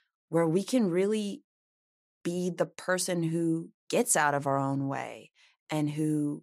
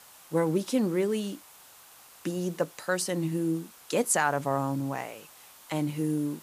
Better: first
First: none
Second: hiss; faint; throughout; 20 dB below the speech

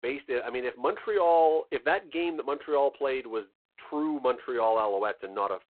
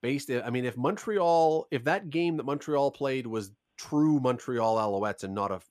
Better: second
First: phone-call audio; poor line; nothing above 4 kHz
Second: none

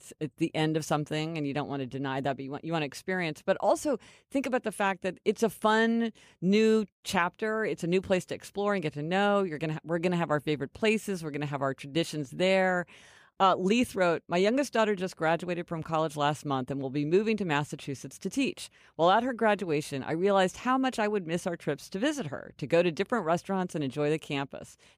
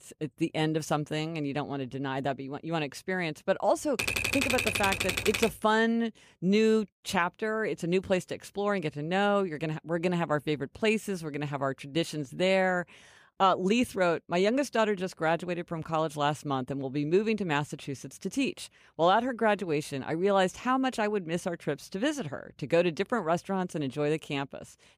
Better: first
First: none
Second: keyboard typing; loud; from 4 to 5.5 s; peak 2 dB above the speech

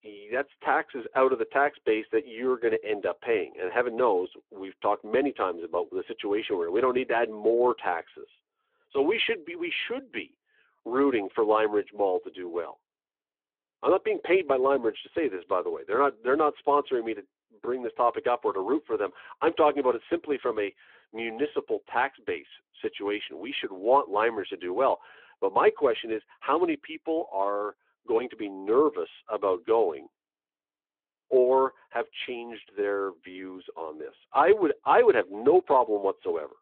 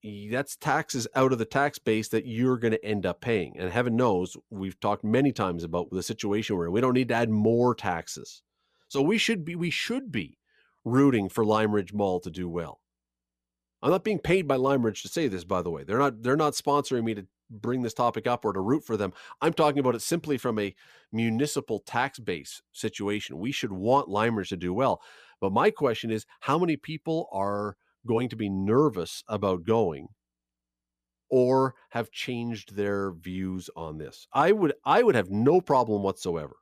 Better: second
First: phone-call audio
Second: none

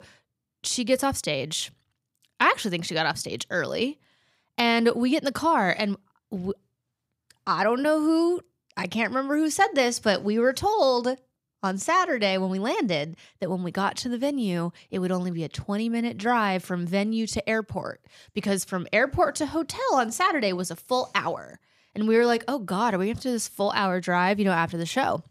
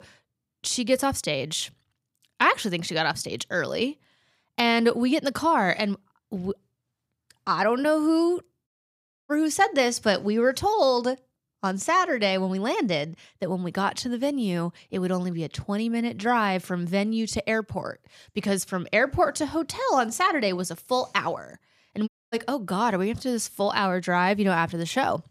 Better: first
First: none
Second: audio cutting out; at 8.5 s for 0.5 s and at 22 s

